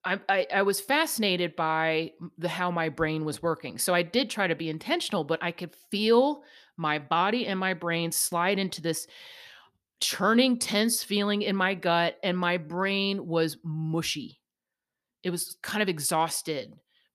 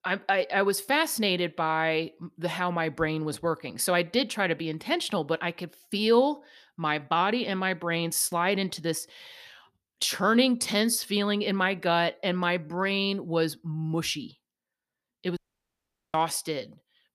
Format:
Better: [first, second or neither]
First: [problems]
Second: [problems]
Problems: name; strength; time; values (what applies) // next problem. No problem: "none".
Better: first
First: none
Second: audio cutting out; at 15 s for 1 s